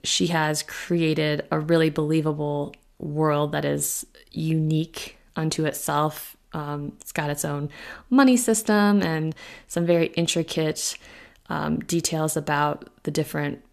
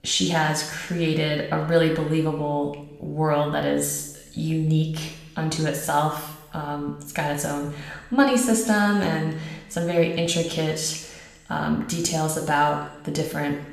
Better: first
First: none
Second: room echo; noticeable; dies away in 0.9 s // off-mic speech; somewhat distant

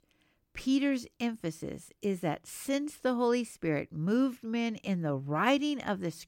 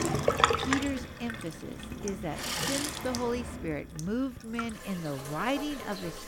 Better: first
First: none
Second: household noises; very loud; throughout; 2 dB above the speech

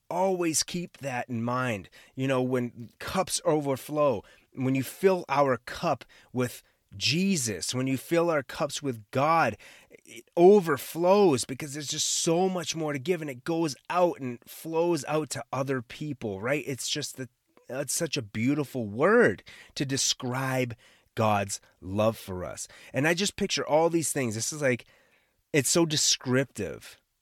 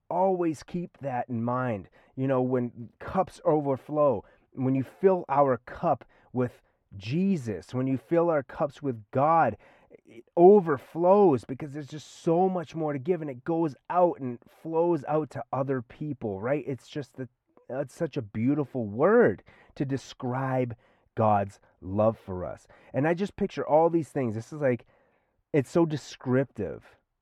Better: first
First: none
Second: muffled; very; fading above 2.5 kHz

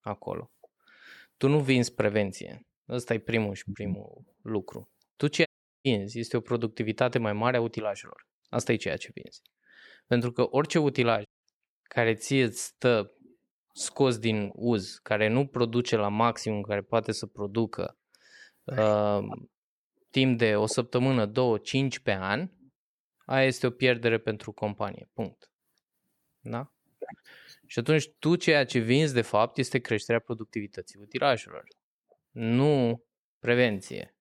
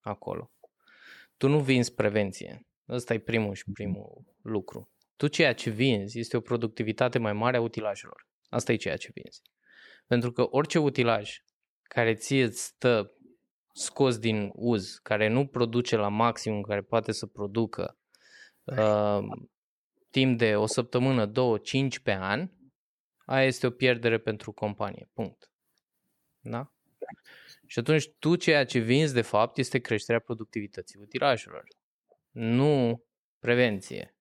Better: second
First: audio cutting out; at 5.5 s and at 11 s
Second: none

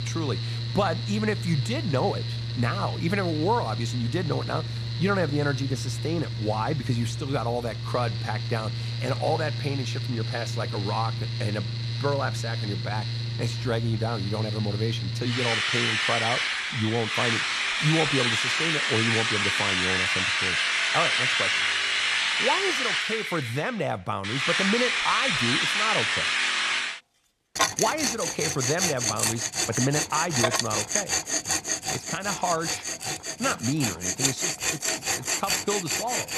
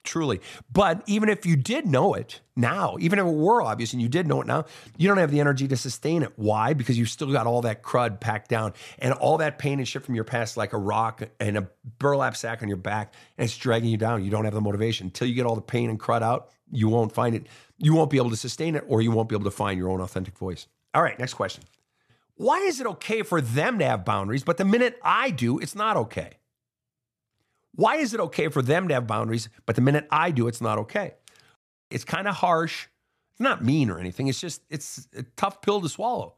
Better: second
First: machinery noise; very loud; throughout; 3 dB above the speech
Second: none

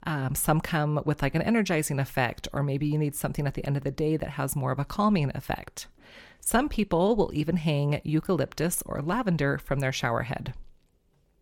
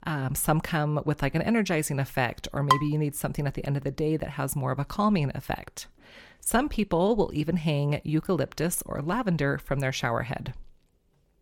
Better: first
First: none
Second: clattering dishes; loud; at 2.5 s; peak 2 dB above the speech

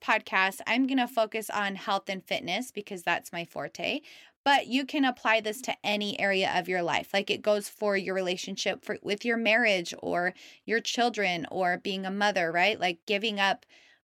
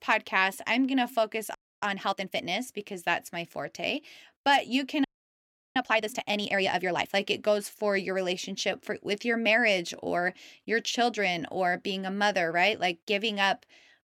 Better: first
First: none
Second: audio freezing; at 1.5 s and at 5 s for 0.5 s

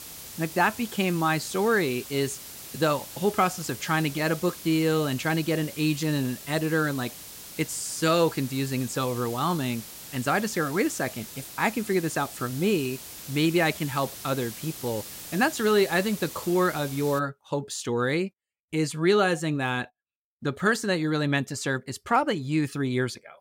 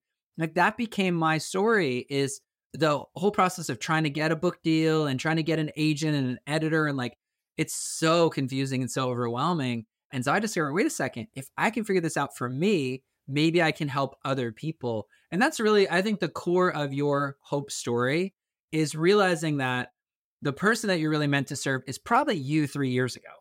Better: second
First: hiss; noticeable; until 17 s; 10 dB below the speech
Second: none

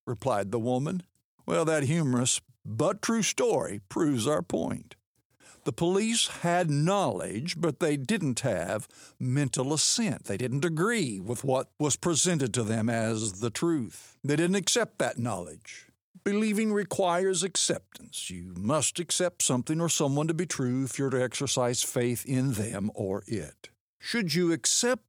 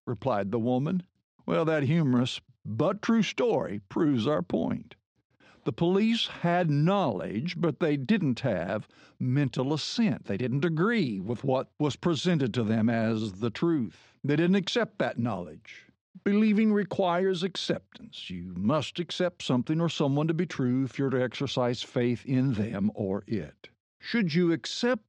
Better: first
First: none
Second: muffled; slightly; fading above 4.5 kHz

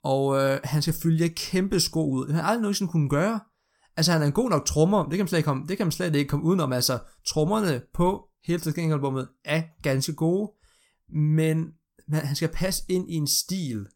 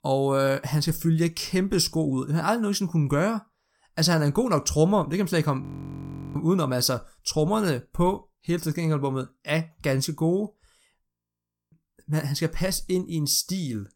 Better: first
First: none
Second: audio freezing; at 5.5 s for 0.5 s and at 11 s for 0.5 s

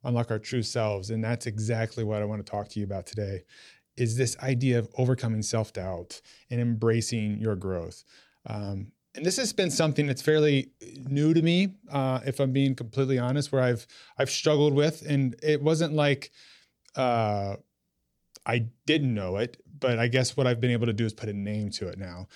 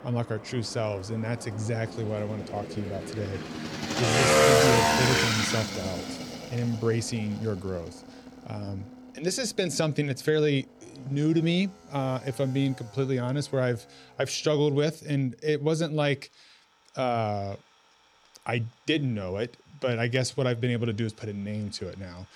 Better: first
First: none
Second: traffic noise; very loud; throughout; 3 dB above the speech

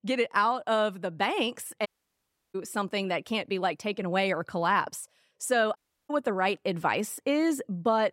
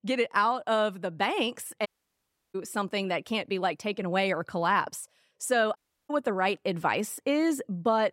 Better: neither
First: audio cutting out; at 2 s for 0.5 s and at 6 s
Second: audio cutting out; at 2 s for 0.5 s and at 6 s

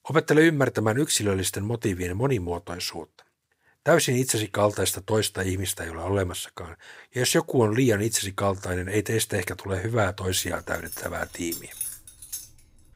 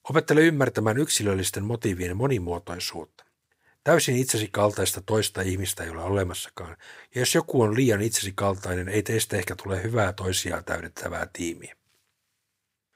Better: second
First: jangling keys; noticeable; from 10 to 12 s; peak 7 dB below the speech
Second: none

